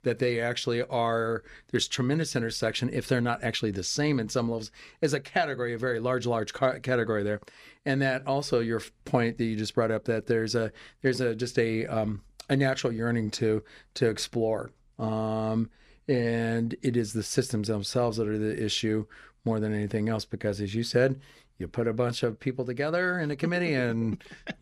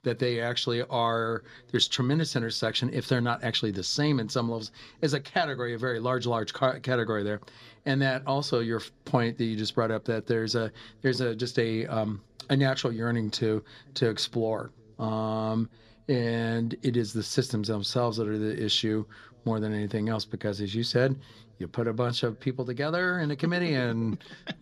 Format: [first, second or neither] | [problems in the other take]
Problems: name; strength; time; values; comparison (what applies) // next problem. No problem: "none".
first | room echo; slight; dies away in 3 s